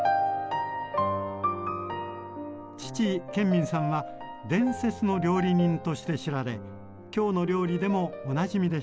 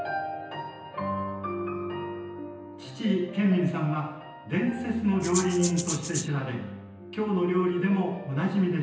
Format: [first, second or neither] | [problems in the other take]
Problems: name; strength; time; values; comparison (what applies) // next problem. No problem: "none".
first | background sound (Rattle (instrument)); 6 dB below the speech // room echo; dies away in 0.9 s